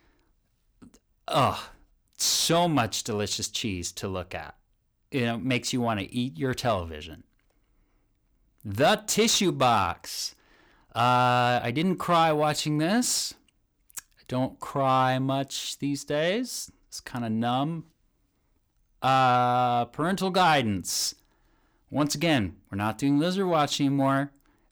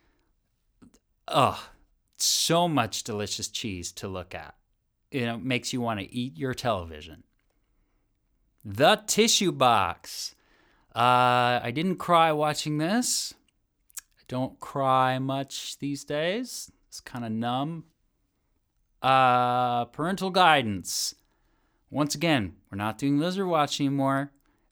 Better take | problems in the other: second | distortion; slight; 10 dB below the speech

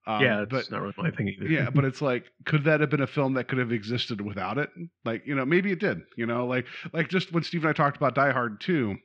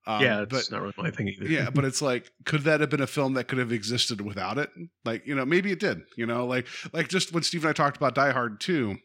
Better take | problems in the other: second | muffled; slightly; fading above 3 kHz

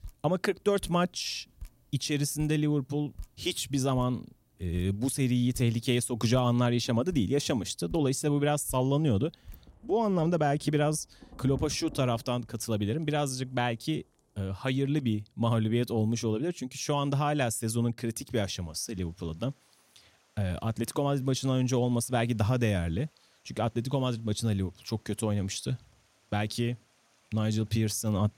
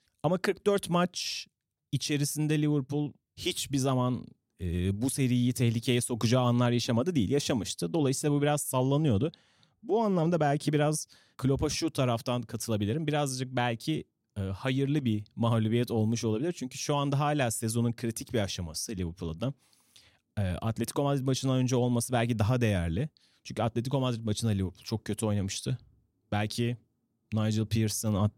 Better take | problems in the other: second | rain or running water; faint; throughout; 25 dB below the speech

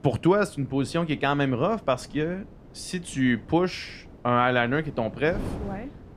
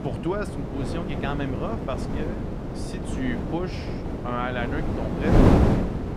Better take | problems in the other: first | wind noise on the microphone; heavy; 2 dB above the speech; occasional gusts in the first

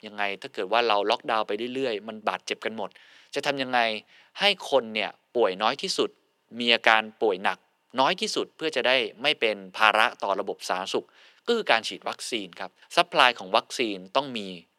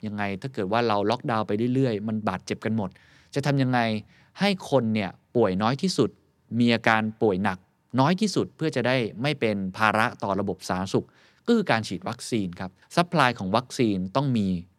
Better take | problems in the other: second | thin; somewhat; fading below 500 Hz

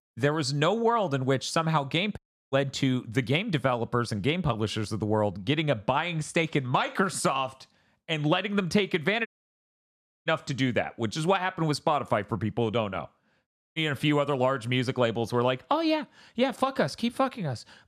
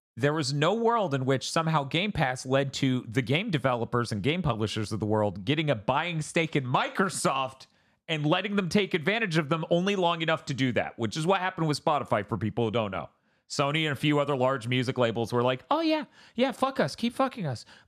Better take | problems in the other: second | audio cutting out; at 2 s, at 9.5 s for 1 s and at 13 s

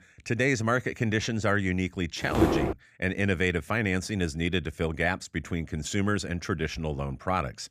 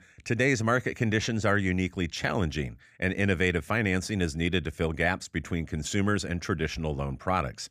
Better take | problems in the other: second | footsteps; loud; at 2.5 s; peak 4 dB above the speech

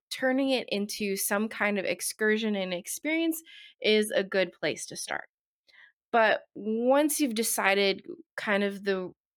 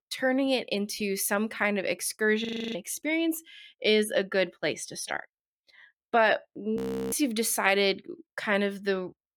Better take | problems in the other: first | audio freezing; at 2.5 s and at 7 s

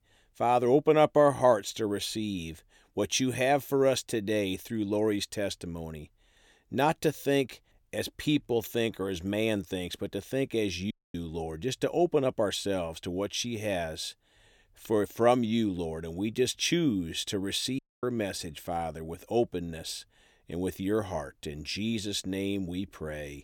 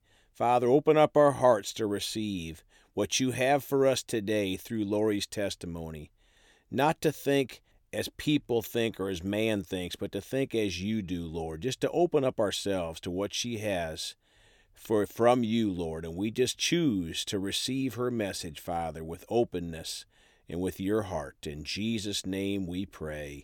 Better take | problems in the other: second | audio cutting out; at 11 s and at 18 s

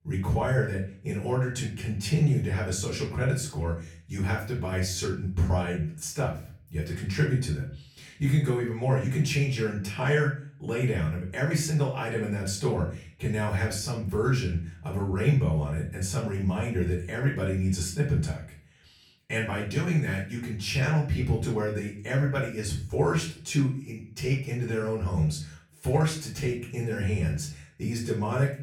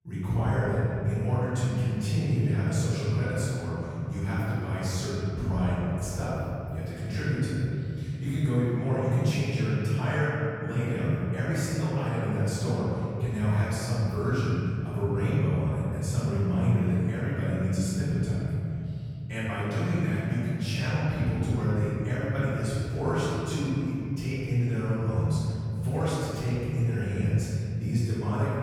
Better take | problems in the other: first | room echo; strong; dies away in 3 s; slight in the first // off-mic speech; far; far in the first

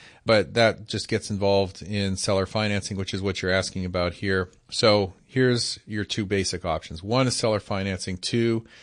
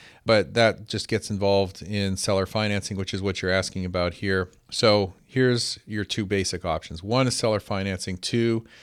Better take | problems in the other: second | garbled, watery; slightly; nothing above 9 kHz

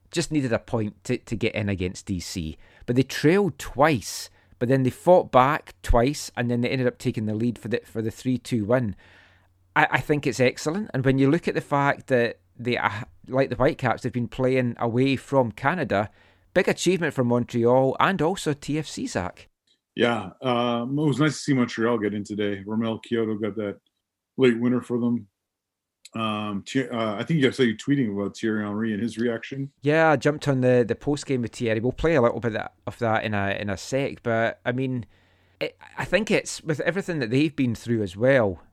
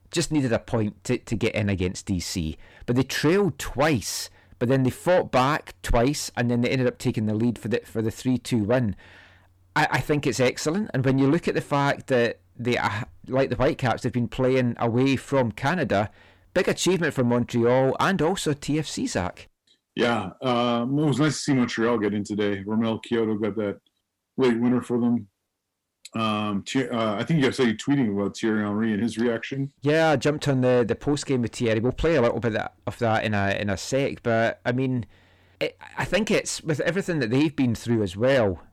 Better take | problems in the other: first | distortion; slight; 10 dB below the speech

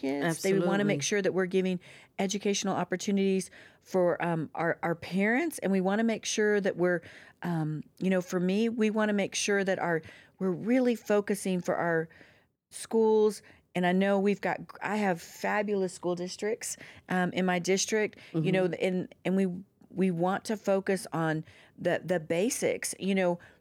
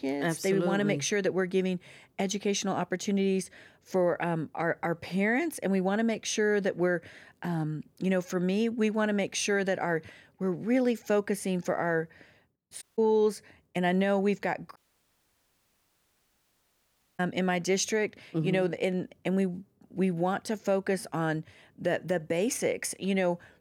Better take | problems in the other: first | audio cutting out; at 13 s and at 15 s for 2.5 s

